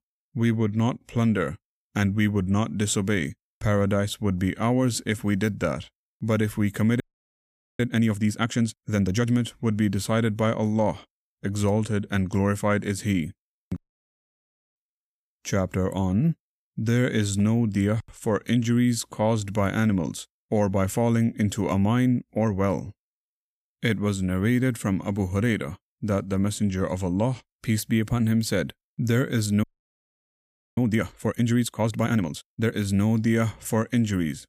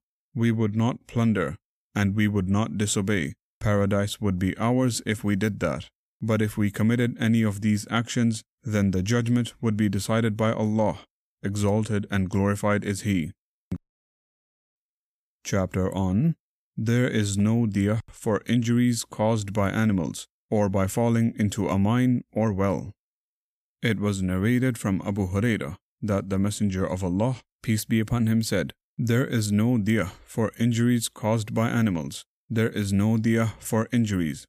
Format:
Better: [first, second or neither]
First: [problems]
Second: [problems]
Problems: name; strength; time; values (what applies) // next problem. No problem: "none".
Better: second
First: audio freezing; at 7 s for 1 s and at 30 s for 1 s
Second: none